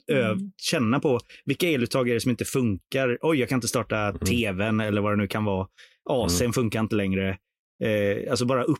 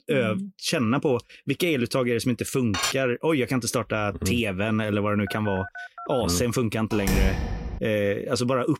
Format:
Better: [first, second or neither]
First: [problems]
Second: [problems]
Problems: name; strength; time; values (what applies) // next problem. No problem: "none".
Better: first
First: none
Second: clattering dishes; noticeable; at 2.5 s; peak 1 dB below the speech // phone ringing; faint; from 5.5 to 6.5 s; peak 10 dB below the speech // door banging; noticeable; at 7 s; peak level with the speech